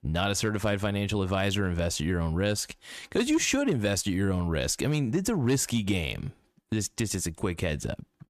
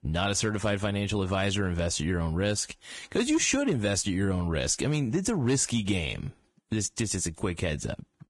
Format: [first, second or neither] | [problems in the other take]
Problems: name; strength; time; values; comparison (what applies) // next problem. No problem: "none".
first | garbled, watery; badly